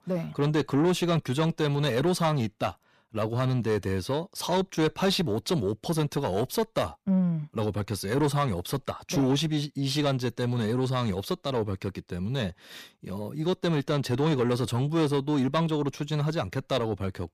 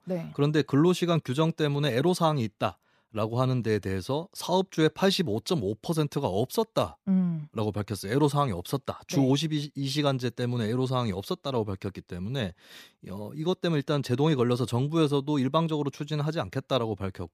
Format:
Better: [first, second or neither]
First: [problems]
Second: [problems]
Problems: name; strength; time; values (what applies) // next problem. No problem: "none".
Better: second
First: distortion; slight; 10 dB below the speech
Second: none